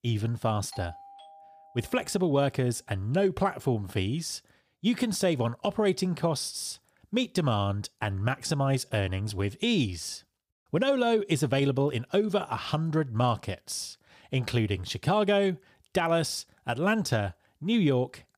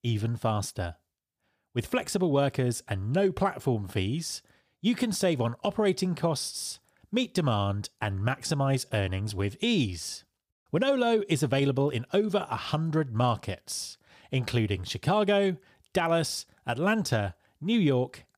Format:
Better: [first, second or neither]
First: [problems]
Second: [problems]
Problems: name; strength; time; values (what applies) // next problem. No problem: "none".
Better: second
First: doorbell; faint; from 0.5 to 2.5 s; peak 15 dB below the speech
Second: none